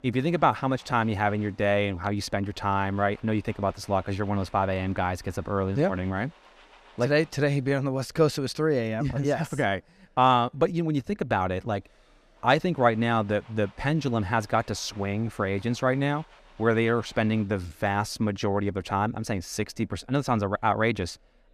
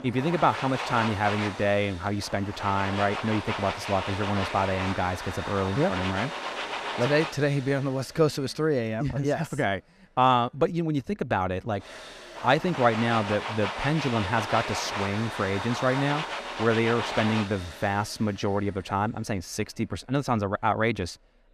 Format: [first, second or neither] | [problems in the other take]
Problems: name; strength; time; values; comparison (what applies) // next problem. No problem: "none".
first | household noises; loud; throughout; 6 dB below the speech; faint in the first